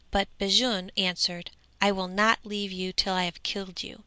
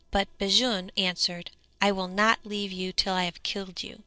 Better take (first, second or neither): first